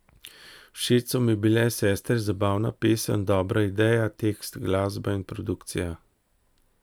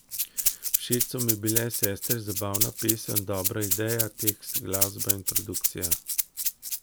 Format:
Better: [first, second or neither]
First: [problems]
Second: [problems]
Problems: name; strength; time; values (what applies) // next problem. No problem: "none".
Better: first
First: none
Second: background sound (Rattle (instrument)); 4 dB above the speech